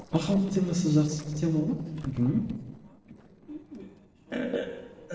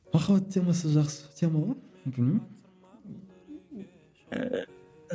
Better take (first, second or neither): second